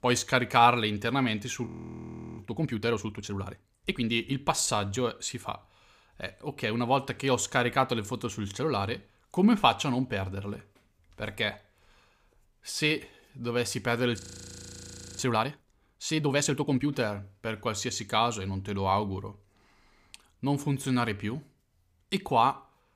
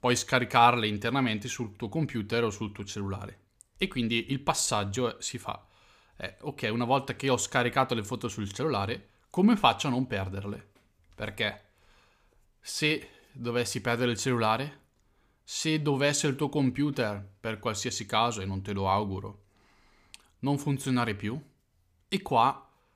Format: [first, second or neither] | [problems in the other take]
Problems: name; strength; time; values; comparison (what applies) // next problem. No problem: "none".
second | audio freezing; at 1.5 s for 0.5 s and at 14 s for 1 s